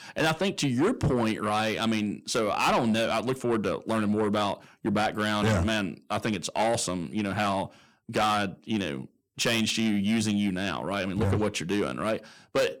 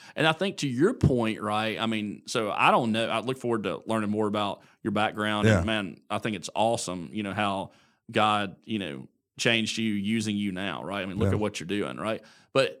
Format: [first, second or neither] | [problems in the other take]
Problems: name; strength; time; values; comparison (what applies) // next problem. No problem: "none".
second | distortion; heavy; 7 dB below the speech